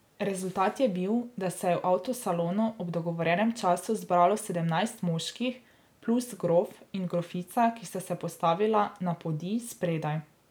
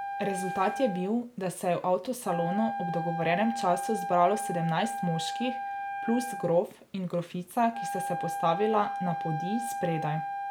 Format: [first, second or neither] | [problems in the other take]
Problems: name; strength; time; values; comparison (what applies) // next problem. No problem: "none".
first | background sound (Wind instrument, woodwind instrument); 5 dB below the speech